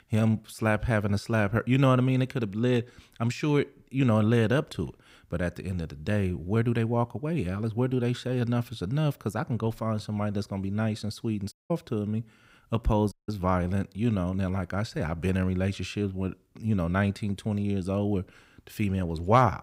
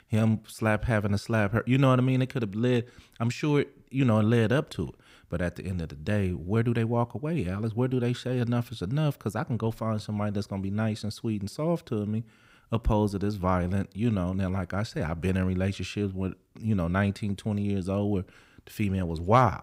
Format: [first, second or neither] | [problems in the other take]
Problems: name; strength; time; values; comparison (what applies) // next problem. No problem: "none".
second | audio cutting out; at 12 s and at 13 s